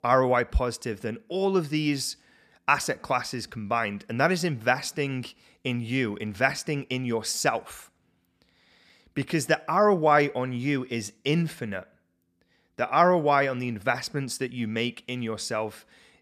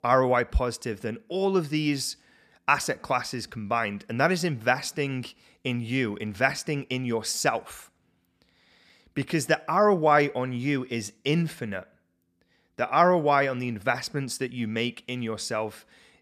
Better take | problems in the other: neither | none

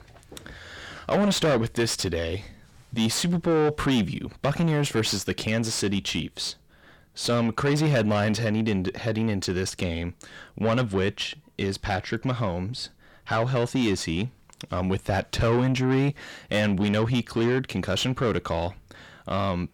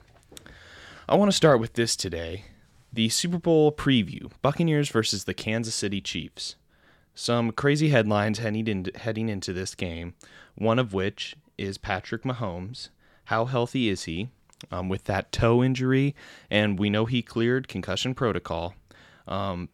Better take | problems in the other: second | distortion; heavy; 7 dB below the speech

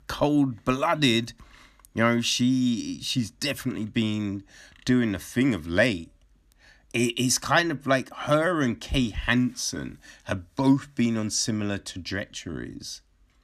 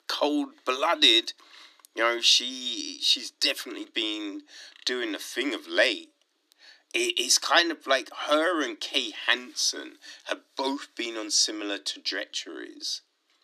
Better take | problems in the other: first | thin; somewhat; fading below 300 Hz

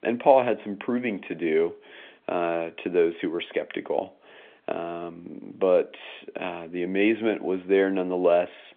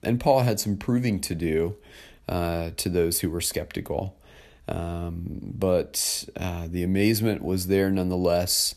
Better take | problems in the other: second | phone-call audio; nothing above 3.5 kHz

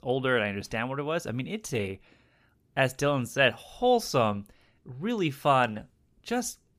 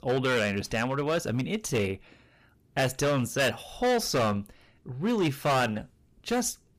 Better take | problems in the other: first | distortion; heavy; 10% of the sound clipped

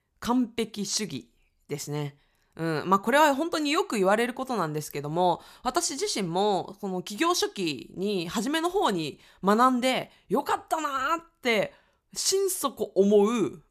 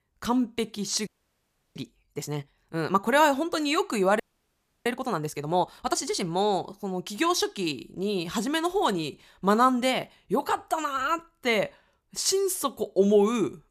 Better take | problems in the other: first | audio freezing; at 1 s for 0.5 s and at 4 s for 0.5 s

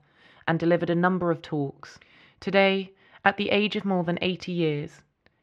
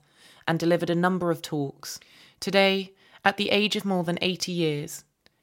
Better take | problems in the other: second | muffled; slightly; fading above 2.5 kHz

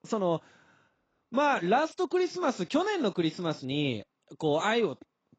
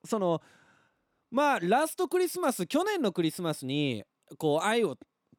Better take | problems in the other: second | garbled, watery; badly; nothing above 7.5 kHz

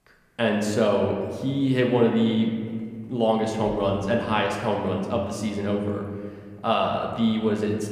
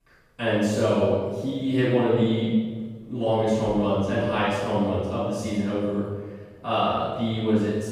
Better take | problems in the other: first | room echo; strong; dies away in 1.4 s; slight in the first // off-mic speech; far; somewhat distant in the first

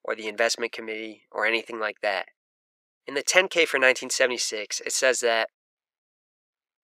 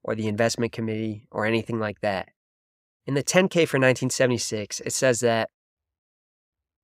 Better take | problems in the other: second | thin; very; fading below 400 Hz

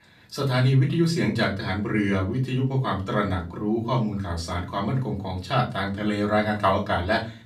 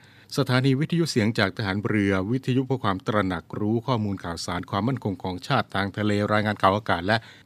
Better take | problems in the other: second | off-mic speech; far // room echo; very slight; dies away in 0.3 s

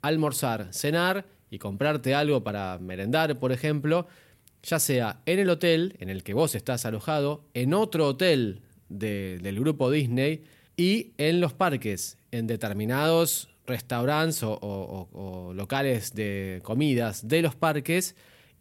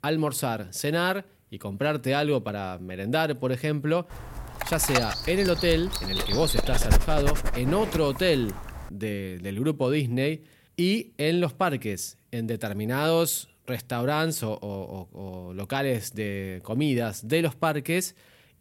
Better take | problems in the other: first | dog barking; loud; from 4.5 to 8 s; peak 2 dB above the speech

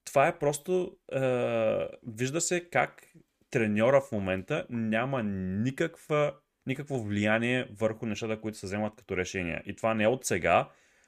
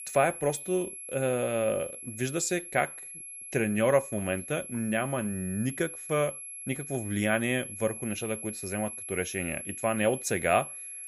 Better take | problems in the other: first | high-pitched whine; loud; throughout; 11 kHz, 9 dB below the speech

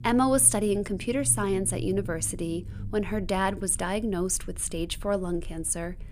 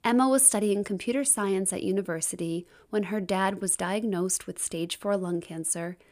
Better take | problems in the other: second | low rumble; faint; throughout; 25 dB below the speech

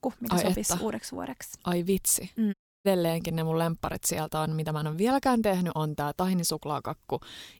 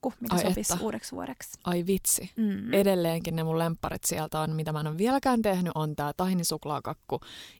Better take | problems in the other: second | audio cutting out; at 2.5 s

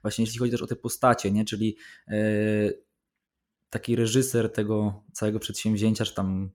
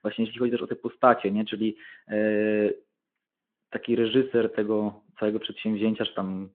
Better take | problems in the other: first | phone-call audio

